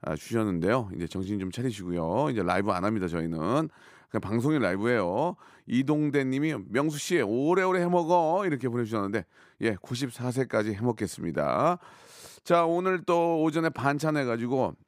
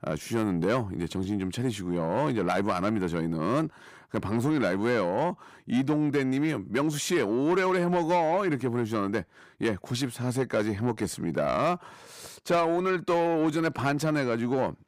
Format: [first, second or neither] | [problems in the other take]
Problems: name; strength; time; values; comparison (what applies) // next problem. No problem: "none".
first | distortion; slight; 10 dB below the speech